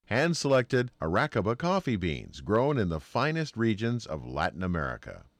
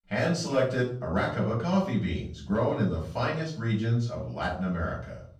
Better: first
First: none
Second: room echo; noticeable; dies away in 0.4 s // off-mic speech; far

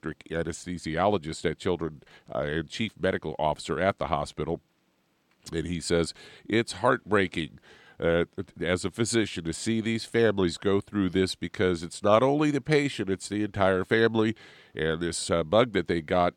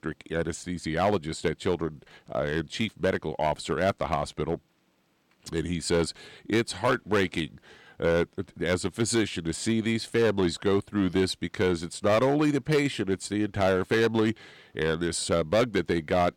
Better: first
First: none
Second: distortion; slight; 4% of the sound clipped

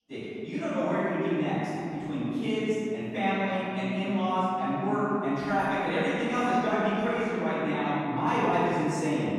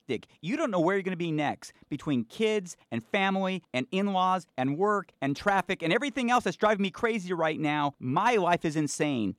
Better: second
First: room echo; strong; dies away in 3 s // off-mic speech; far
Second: none

